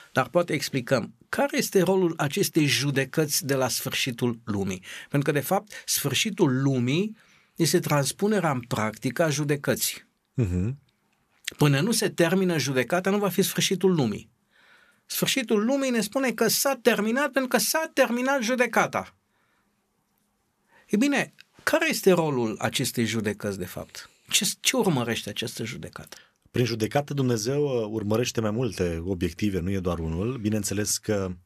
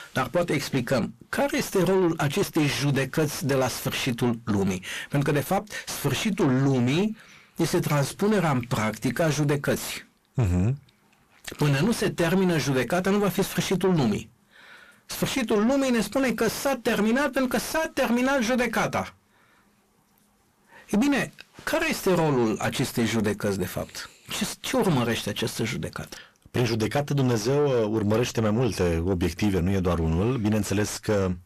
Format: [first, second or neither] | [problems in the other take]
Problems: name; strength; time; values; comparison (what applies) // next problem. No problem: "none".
first | distortion; heavy; 6 dB below the speech